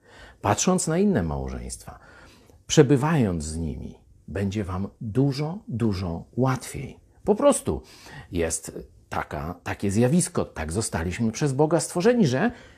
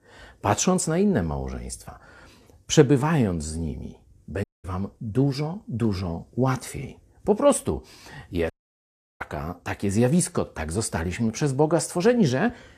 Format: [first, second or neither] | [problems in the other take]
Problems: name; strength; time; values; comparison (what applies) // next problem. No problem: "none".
first | audio cutting out; at 4.5 s and at 8.5 s for 0.5 s